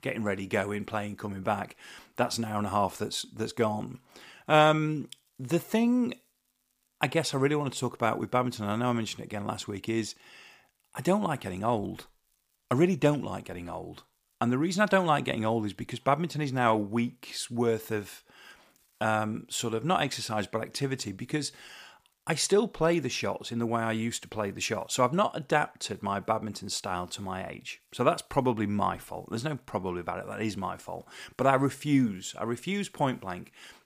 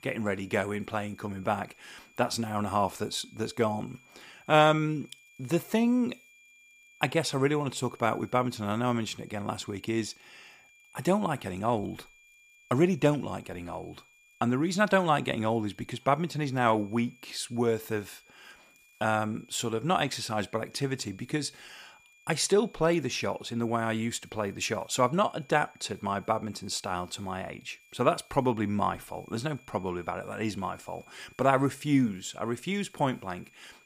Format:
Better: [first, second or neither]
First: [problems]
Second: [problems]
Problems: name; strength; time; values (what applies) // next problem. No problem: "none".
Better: first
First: none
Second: high-pitched whine; faint; throughout; 2.5 kHz, 30 dB below the speech